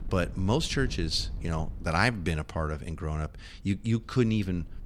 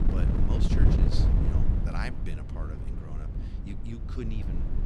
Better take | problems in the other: first | wind noise on the microphone; heavy; 2 dB above the speech; occasional gusts in the first

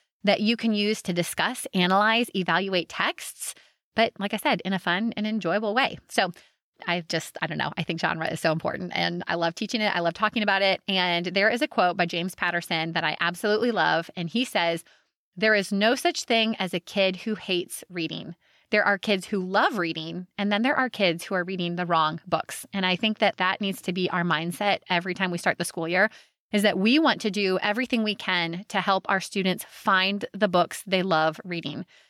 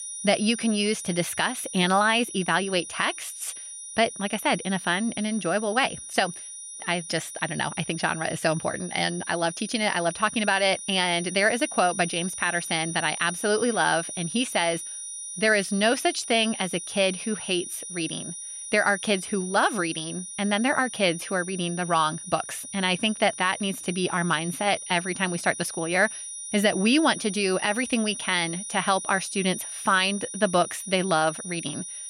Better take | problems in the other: first | high-pitched whine; loud; throughout; 9.5 kHz, 9 dB below the speech

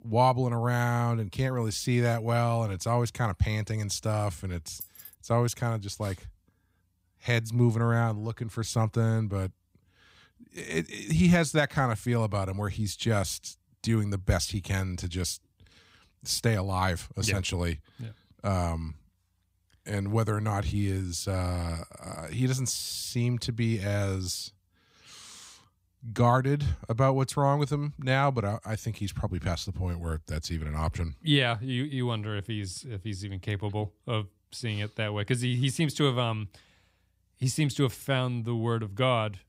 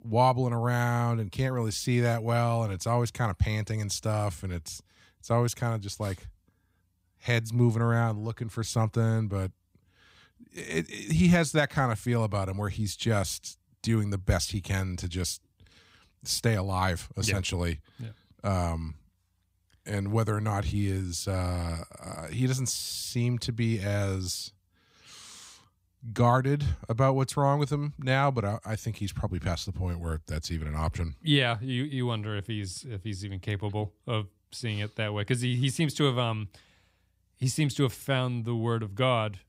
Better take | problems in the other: second | jangling keys; faint; at 5 s; peak 15 dB below the speech

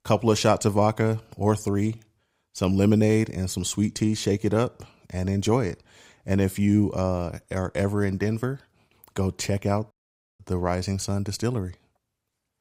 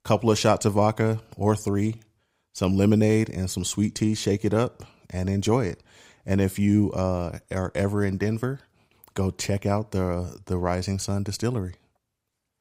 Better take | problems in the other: second | audio cutting out; at 10 s

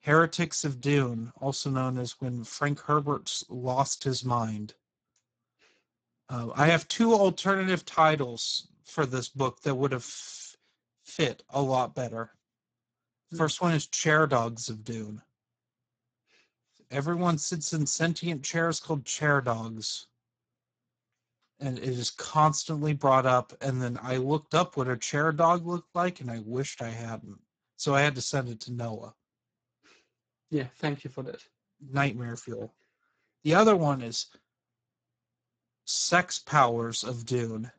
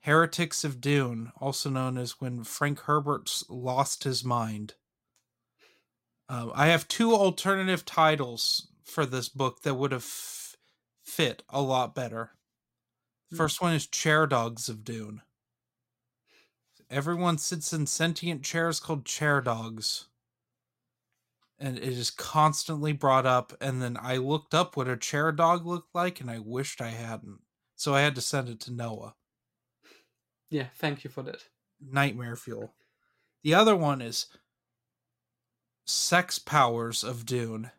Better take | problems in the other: second | garbled, watery; badly; nothing above 7.5 kHz

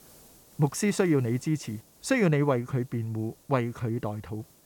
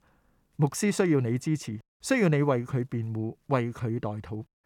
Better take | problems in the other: second | hiss; faint; throughout; 25 dB below the speech

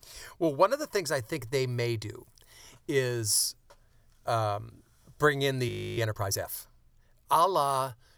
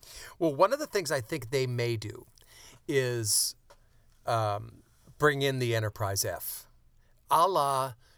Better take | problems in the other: second | audio freezing; at 5.5 s

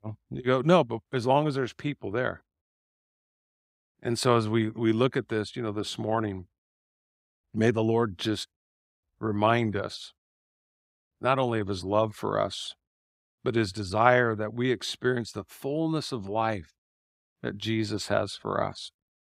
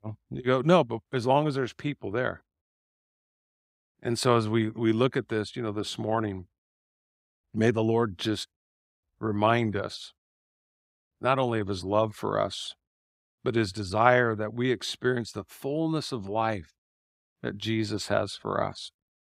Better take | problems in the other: neither | none

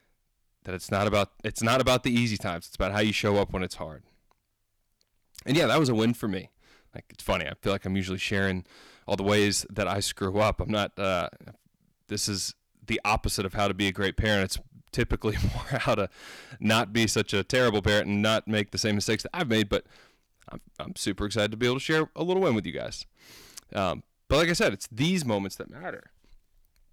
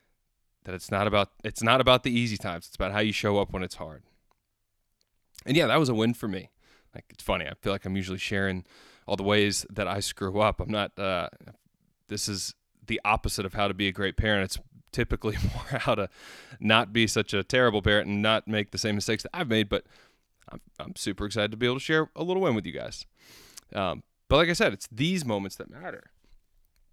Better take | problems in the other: second | distortion; slight; 3% of the sound clipped

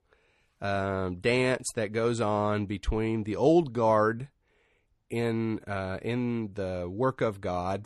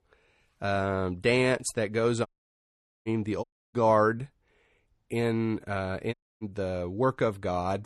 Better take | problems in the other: first | audio cutting out; at 2.5 s for 1 s, at 3.5 s and at 6 s

